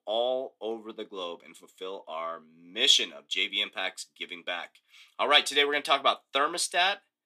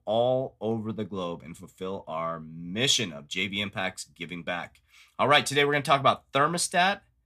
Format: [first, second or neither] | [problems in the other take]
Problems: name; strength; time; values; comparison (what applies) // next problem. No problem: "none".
second | thin; somewhat; fading below 300 Hz